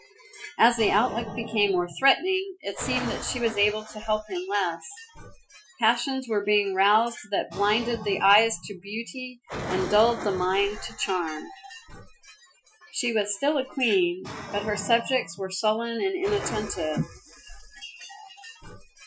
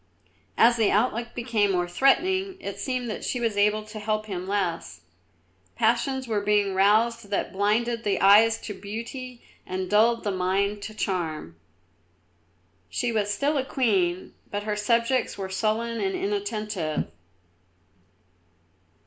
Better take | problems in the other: second | noise reduction (classical method Wiener filter)

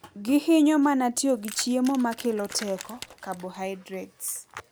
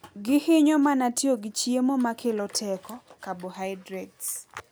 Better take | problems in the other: second | background sound (Keys jangling); 18 dB below the speech

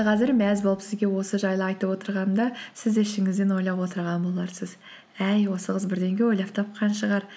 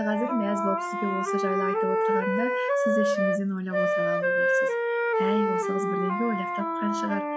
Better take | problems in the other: first | noise reduction (classical method log-MMSE)

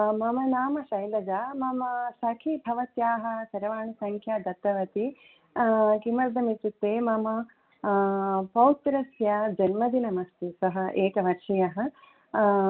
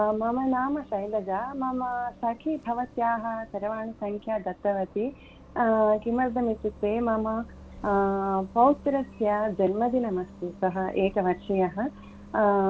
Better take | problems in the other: first | background sound (Bus); 20 dB below the speech

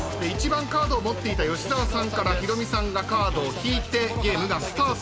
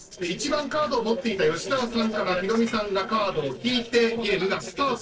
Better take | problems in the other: first | noise reduction (neural separator model SepFormer DNS4)

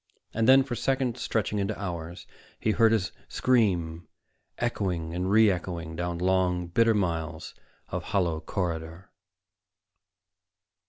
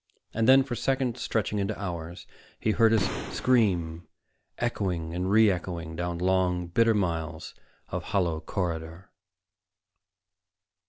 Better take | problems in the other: first | background sound (Boom); 7 dB below the speech

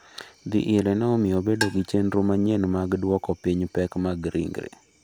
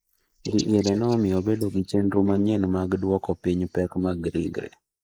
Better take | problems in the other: first | noise reduction (neural mask model Resemble Enhance denoiser)

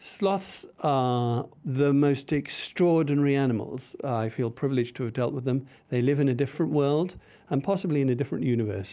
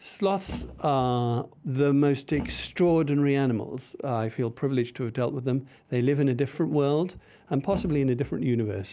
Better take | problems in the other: first | background sound (Thump, thud); 15 dB below the speech

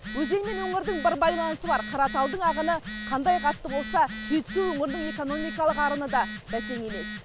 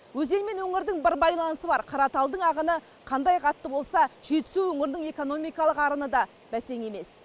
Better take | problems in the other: second | background sound (Telephone); 9 dB below the speech

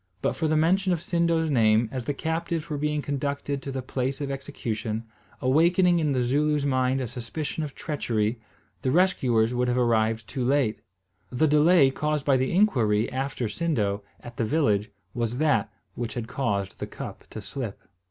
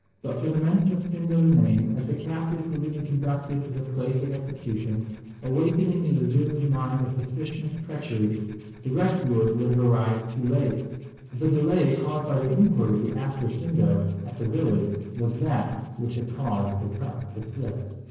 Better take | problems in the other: first | noise reduction (neural separator model SepFormer DNS4)

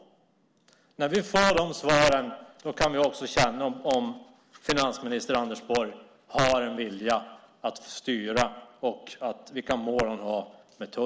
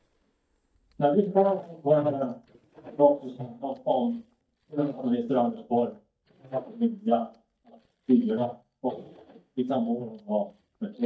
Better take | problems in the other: first | noise reduction (neural mask model DeepFilterNet 3)

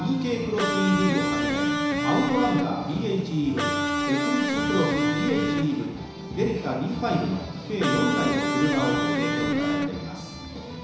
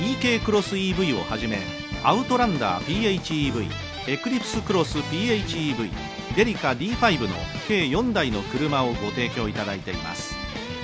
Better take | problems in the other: second | background sound (Electric guitar); as loud as the speech // room echo; dies away in 1 s

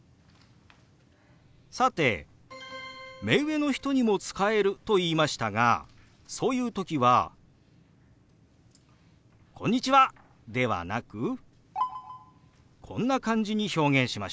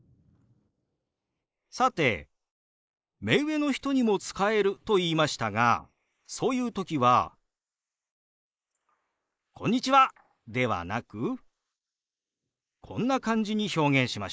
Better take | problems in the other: first | noise reduction (neural mask model Resemble Enhance denoiser)

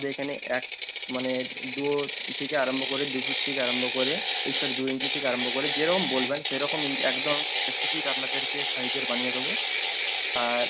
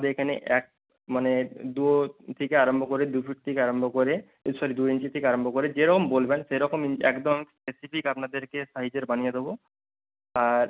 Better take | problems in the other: second | background sound (Ratchet, pawl); 1 dB above the speech

